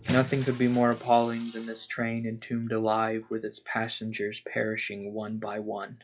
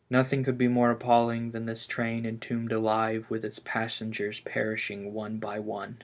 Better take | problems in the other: second | noise reduction (classical method log-MMSE)

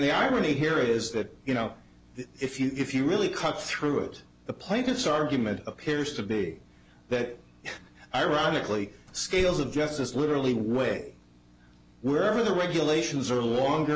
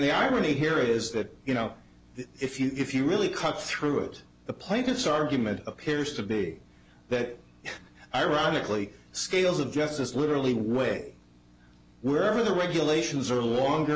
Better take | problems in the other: second | background sound (Slam); 15 dB below the speech

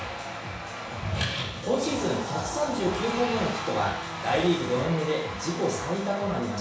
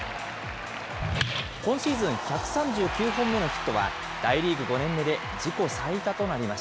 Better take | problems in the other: second | background sound (Bus / Engine); 19 dB below the speech // room echo; dies away in 0.7 s

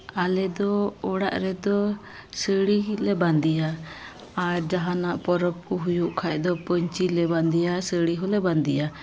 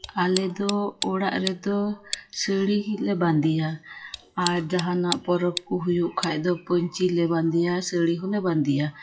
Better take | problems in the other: first | noise reduction (classical method WPE with log-MMSE)

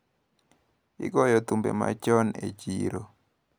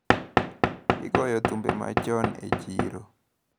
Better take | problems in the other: first | background sound (Knock / Wood); 4 dB above the speech

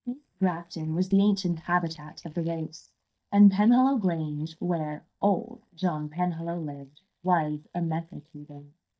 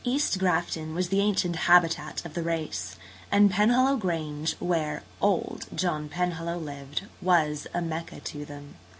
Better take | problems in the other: second | noise reduction (neural mask model DeepFilterNet 3)

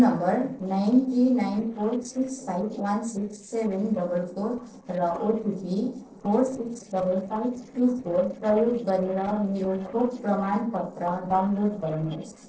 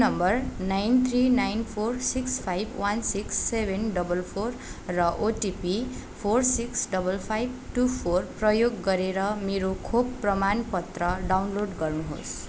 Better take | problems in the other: second | noise reduction (neural separator model SepFormer DNS4)

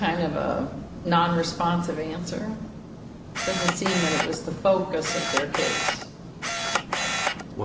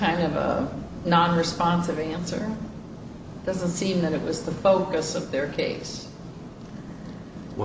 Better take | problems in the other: second | background sound (Camera); 1 dB below the speech

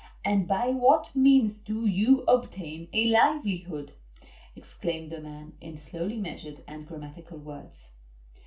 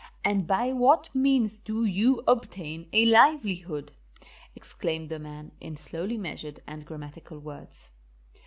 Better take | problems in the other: second | room echo; dies away in 0.2 s

